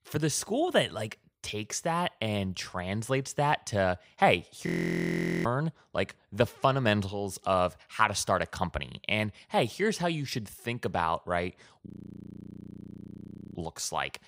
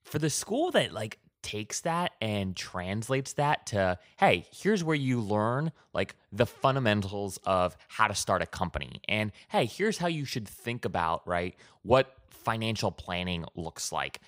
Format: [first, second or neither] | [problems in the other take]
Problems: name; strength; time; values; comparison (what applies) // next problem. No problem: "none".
second | audio freezing; at 4.5 s for 1 s and at 12 s for 1.5 s